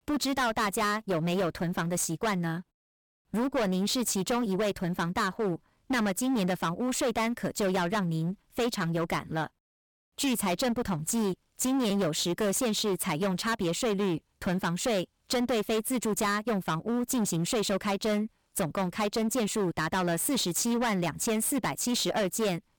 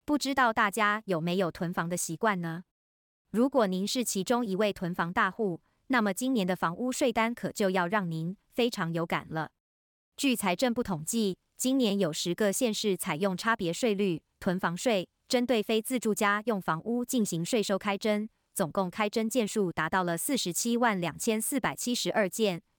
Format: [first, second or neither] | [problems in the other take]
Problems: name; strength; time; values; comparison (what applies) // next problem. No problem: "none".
second | distortion; heavy; 21% of the sound clipped